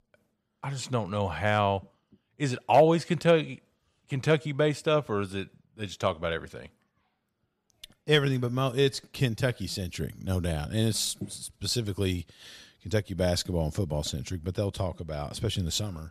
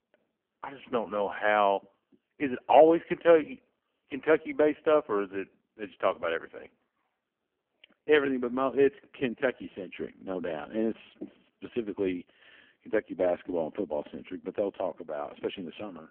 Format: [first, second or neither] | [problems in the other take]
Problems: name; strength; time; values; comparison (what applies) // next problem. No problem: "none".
first | phone-call audio; poor line; nothing above 3 kHz